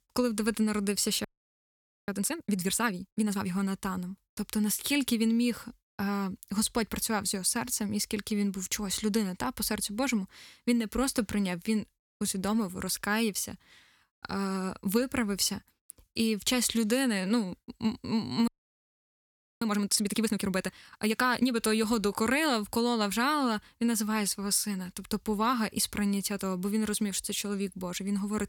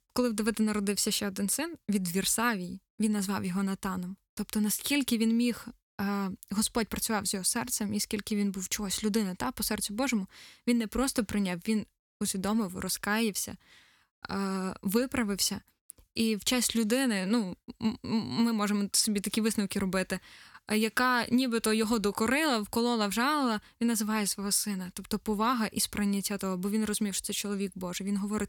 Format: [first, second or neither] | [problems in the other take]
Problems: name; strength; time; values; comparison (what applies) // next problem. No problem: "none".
second | audio freezing; at 1 s for 1 s and at 18 s for 1 s